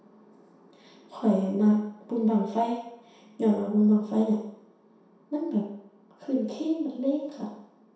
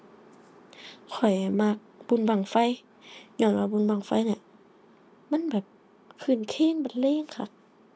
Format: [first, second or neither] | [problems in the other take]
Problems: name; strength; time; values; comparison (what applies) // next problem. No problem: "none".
second | room echo; dies away in 0.7 s